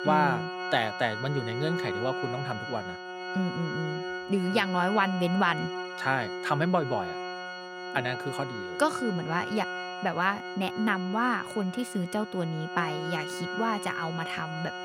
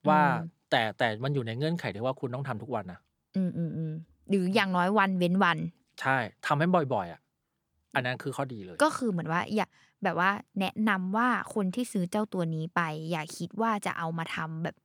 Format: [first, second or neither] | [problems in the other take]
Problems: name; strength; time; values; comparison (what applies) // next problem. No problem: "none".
second | background music; loud; throughout; 6 dB below the speech